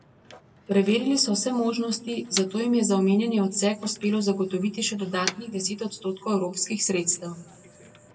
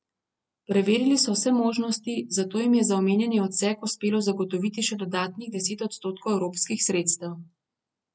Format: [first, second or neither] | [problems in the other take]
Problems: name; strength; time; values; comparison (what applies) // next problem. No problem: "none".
second | background sound (Motor vehicle (road)); 17 dB below the speech // room echo; dies away in 0.8 s